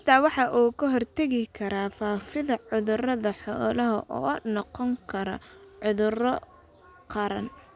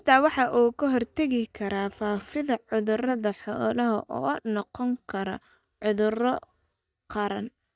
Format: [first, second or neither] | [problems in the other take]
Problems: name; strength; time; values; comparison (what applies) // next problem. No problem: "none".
first | noise reduction (neural mask model DeepFilterNet 3)